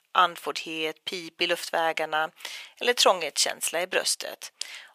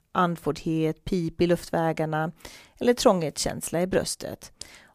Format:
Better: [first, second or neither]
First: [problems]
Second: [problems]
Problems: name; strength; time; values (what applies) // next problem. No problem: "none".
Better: second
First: thin; very; fading below 750 Hz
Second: none